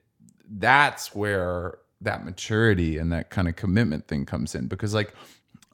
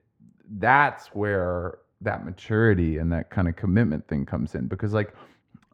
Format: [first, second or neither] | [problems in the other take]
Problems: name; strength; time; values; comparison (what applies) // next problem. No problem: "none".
first | muffled; very; fading above 3 kHz